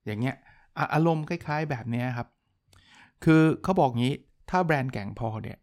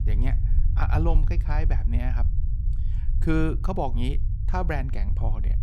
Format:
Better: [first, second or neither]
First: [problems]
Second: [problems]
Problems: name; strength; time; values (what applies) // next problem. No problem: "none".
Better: first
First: none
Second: low rumble; noticeable; throughout; 15 dB below the speech